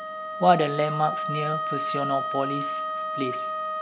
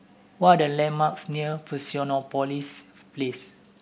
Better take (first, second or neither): second